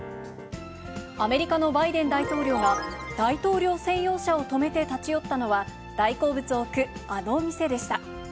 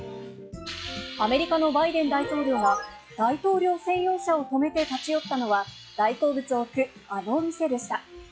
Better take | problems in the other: first | noise reduction (classical method log-MMSE)

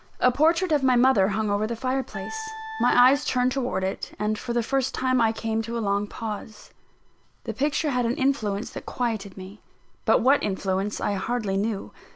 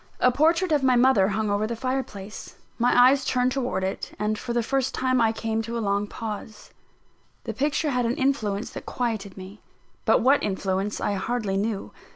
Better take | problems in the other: second | background sound (Wind instrument, woodwind instrument); 11 dB below the speech

